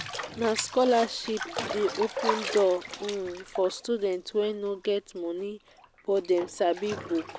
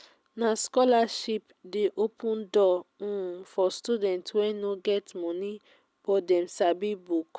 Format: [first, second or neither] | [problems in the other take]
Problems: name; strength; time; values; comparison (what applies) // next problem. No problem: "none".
second | background sound (Bathtub (filling or washing)); 9 dB below the speech